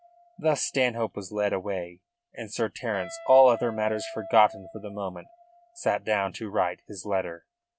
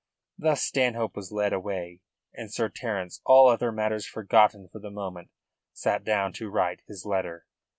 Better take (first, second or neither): second